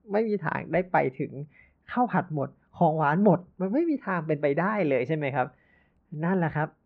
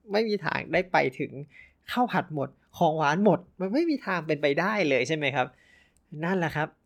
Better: second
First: muffled; very; fading above 1.5 kHz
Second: none

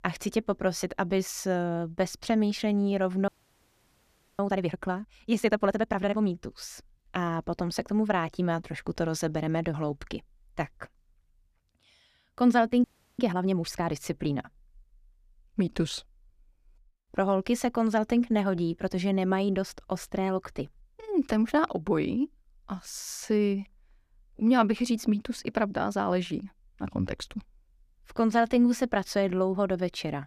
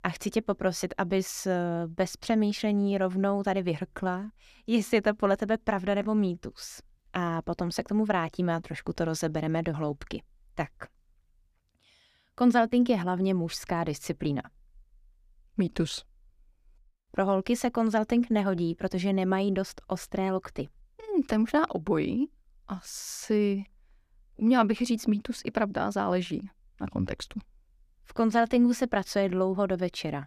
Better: second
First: audio freezing; at 3.5 s for 1 s and at 13 s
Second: none

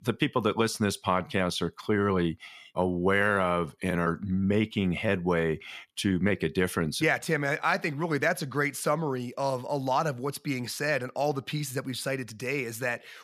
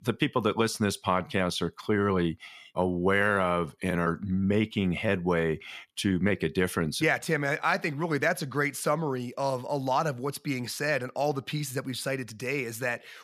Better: neither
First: none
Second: none

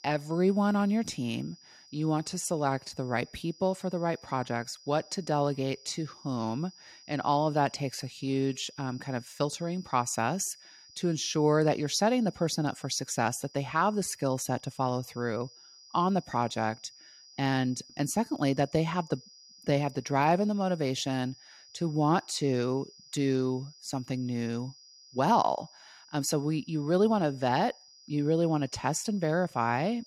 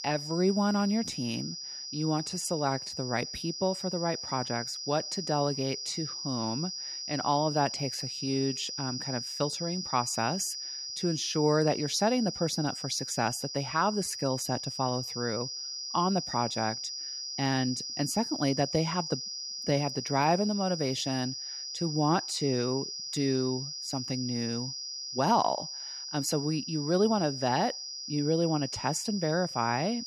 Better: first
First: high-pitched whine; faint; throughout; 5 kHz, 20 dB below the speech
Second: high-pitched whine; loud; throughout; 5 kHz, 5 dB below the speech

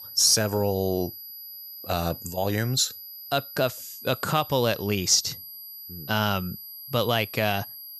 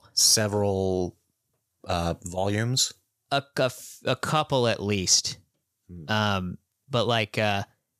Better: second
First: high-pitched whine; noticeable; throughout; 12 kHz, 15 dB below the speech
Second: none

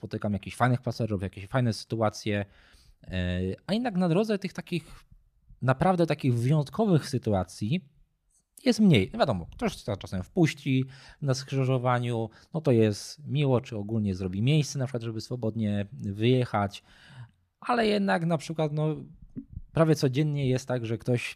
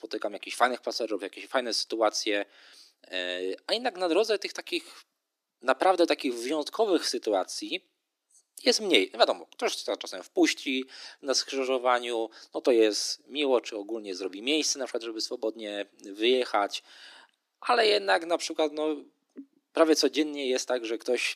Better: first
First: none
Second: thin; very; fading below 300 Hz

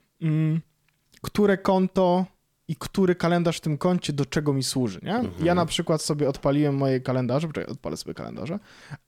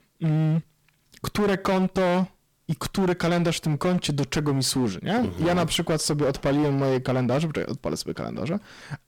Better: first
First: none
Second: distortion; heavy; 17% of the sound clipped

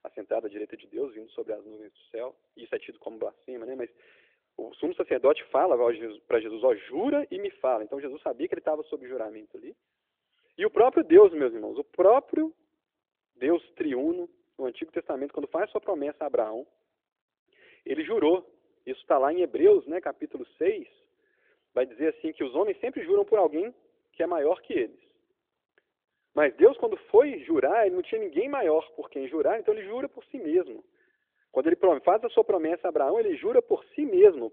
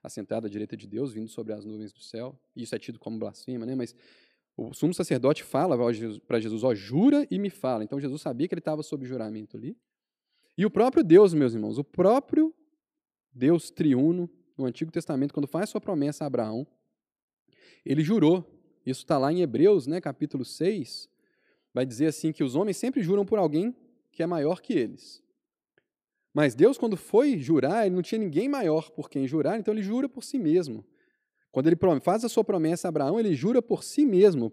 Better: second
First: phone-call audio; nothing above 3.5 kHz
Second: none

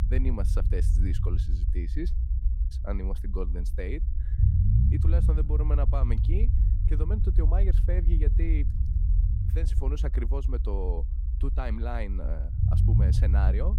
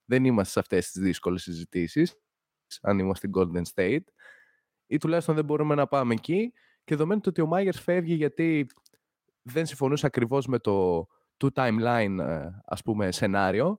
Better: second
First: low rumble; loud; throughout; 4 dB below the speech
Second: none

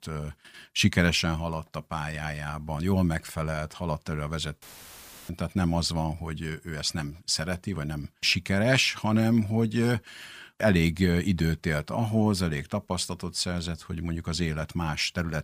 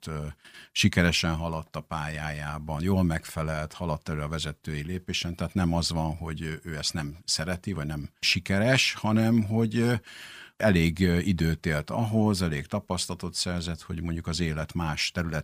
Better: second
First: audio cutting out; filled with static; at 4.5 s for 0.5 s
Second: none

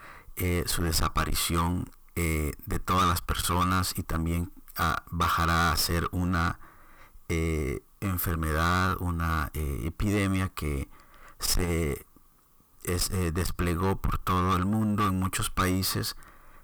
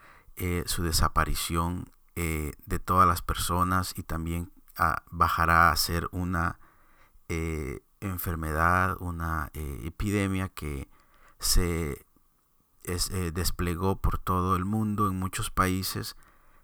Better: second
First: distortion; heavy; 7 dB below the speech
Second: none

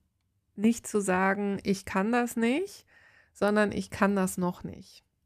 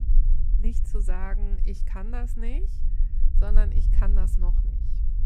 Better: first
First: none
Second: low rumble; loud; throughout; 8 dB below the speech

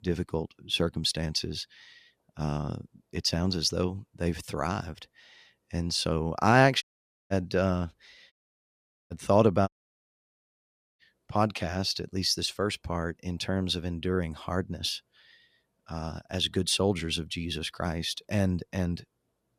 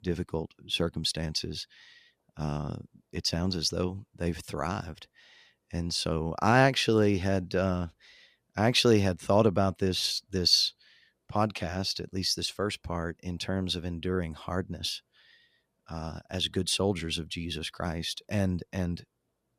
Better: second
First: audio cutting out; at 7 s, at 8.5 s for 1 s and at 9.5 s for 1.5 s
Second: none

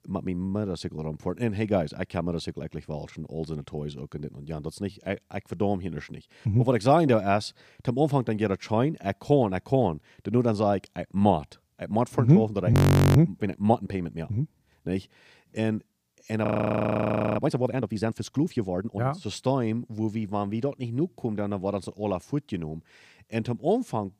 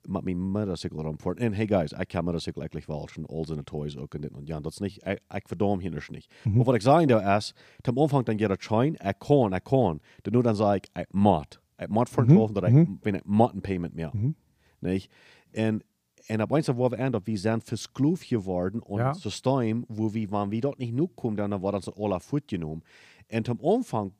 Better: second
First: audio freezing; at 13 s and at 16 s for 1 s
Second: none

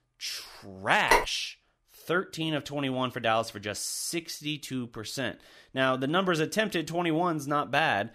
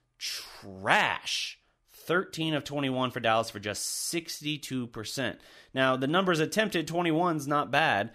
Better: second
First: phone ringing; loud; at 1 s; peak 4 dB above the speech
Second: none

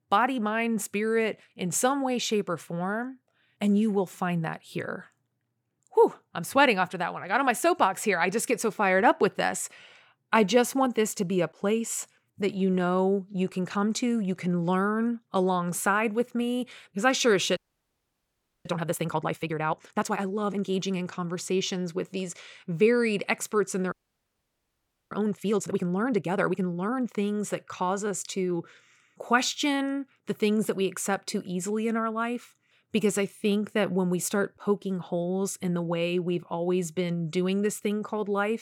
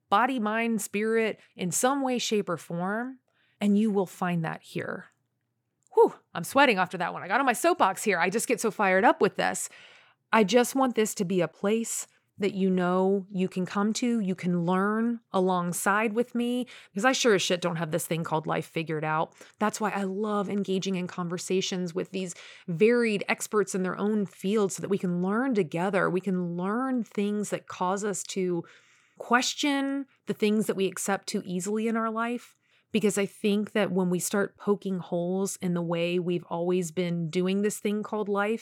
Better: second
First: audio freezing; at 18 s for 1 s and at 24 s for 1 s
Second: none

